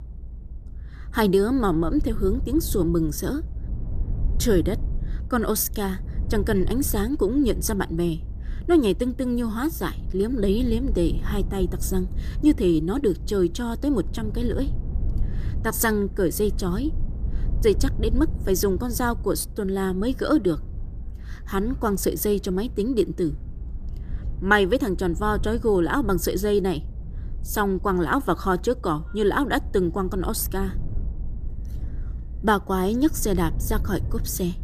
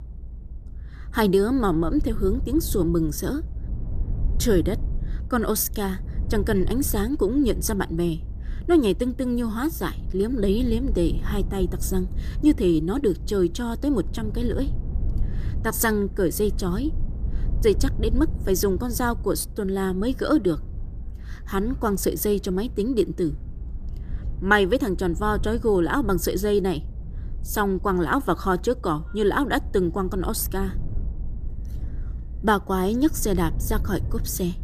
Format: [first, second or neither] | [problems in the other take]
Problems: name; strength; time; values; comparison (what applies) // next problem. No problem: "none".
neither | low rumble; faint; throughout; 20 dB below the speech; the same in both